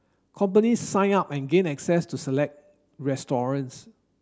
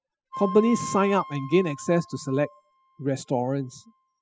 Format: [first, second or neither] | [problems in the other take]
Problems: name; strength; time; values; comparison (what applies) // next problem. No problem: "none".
first | noise reduction (classical method spectral subtraction)